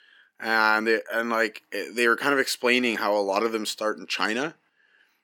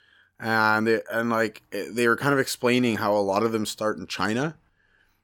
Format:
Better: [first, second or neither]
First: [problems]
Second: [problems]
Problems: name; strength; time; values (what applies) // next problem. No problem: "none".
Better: second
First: thin; very slightly; fading below 250 Hz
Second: none